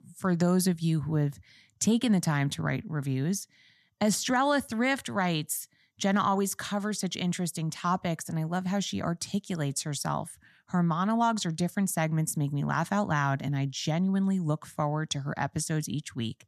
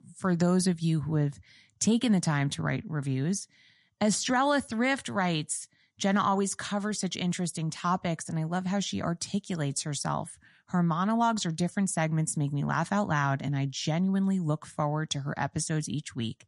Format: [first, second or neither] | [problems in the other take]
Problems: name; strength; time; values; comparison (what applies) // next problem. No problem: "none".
first | garbled, watery; slightly; nothing above 11 kHz